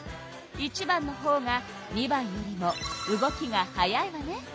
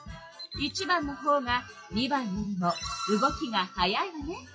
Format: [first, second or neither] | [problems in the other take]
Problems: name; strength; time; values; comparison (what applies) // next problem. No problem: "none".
first | noise reduction (classical method WPE with log-MMSE)